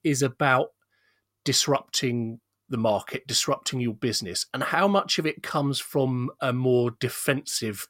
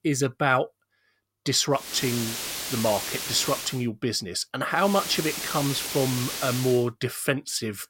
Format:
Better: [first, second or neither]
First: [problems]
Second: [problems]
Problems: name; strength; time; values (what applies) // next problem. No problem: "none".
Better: first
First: none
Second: hiss; loud; from 2 to 3.5 s and from 5 to 6.5 s; 4 dB below the speech